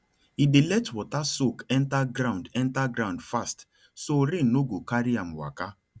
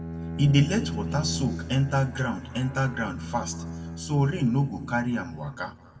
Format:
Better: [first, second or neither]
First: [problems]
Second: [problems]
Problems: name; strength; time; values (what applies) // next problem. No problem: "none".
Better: first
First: none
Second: background sound (Bowed string instrument); 9 dB below the speech // room echo; dies away in 1.1 s